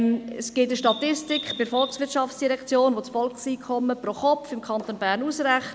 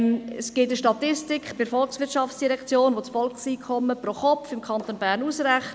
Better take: second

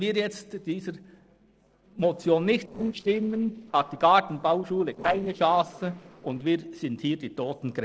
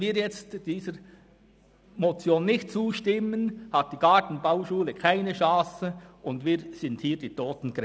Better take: second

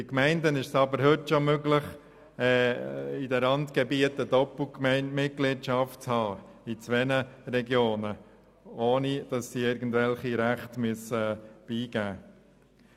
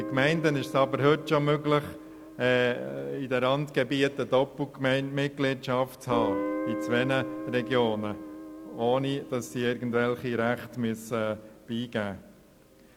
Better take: first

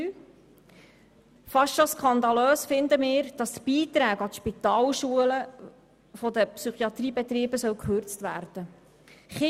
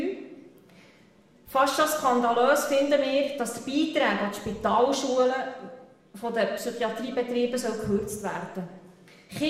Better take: first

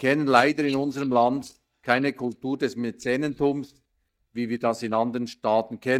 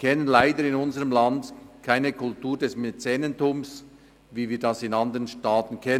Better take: second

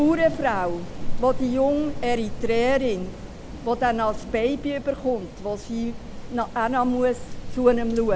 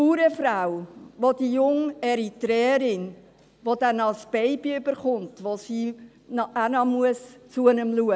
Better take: second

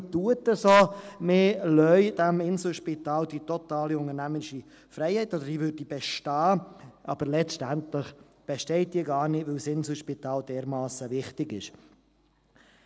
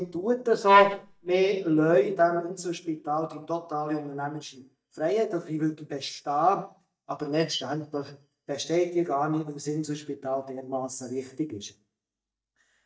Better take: first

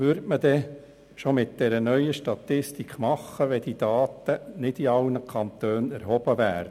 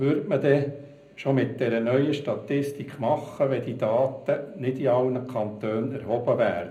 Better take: first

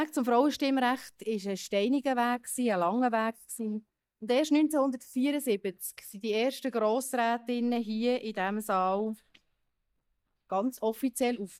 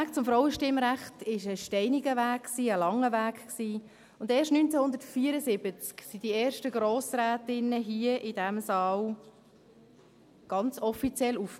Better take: second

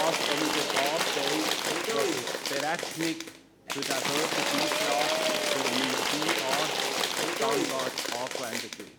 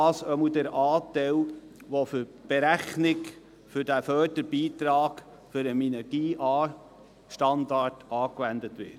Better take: second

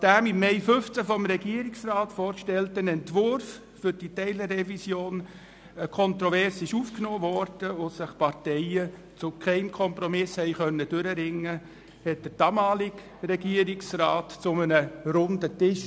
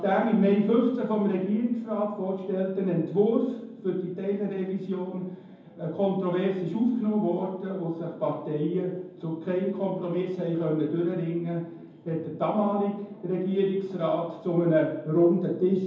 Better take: first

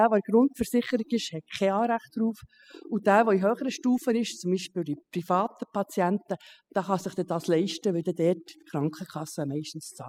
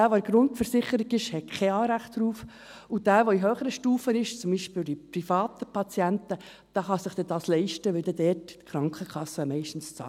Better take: second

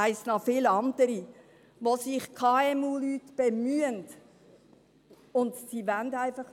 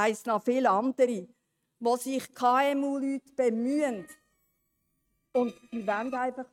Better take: first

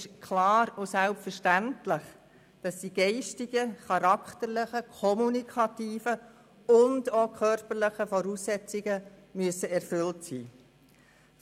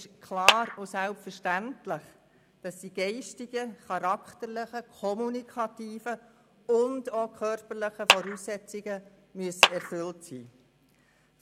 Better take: first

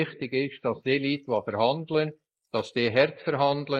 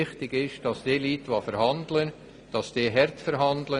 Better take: second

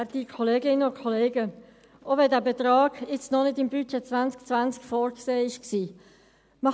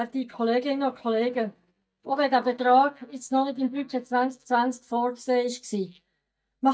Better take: first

